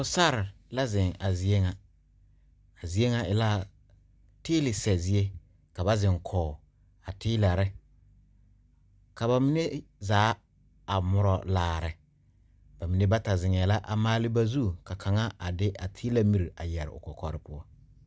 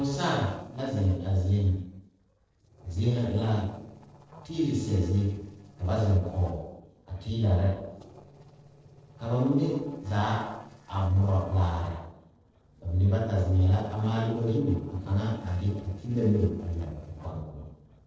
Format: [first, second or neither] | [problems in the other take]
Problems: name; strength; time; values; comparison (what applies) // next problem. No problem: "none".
first | noise reduction (neural separator model SepFormer DNS4)